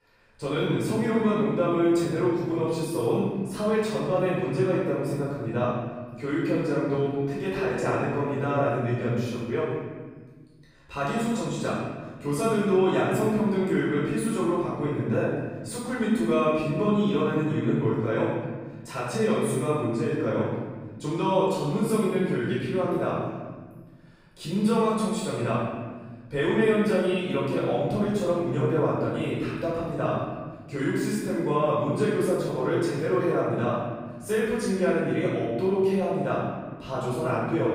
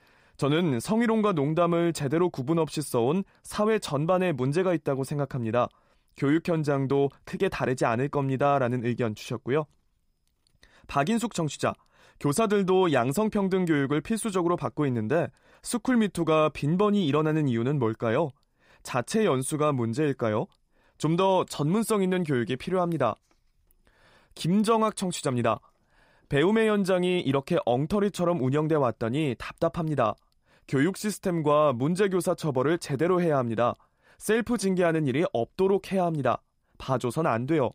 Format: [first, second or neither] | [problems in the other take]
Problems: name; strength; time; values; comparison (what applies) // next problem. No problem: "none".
second | room echo; strong; dies away in 1.4 s // off-mic speech; far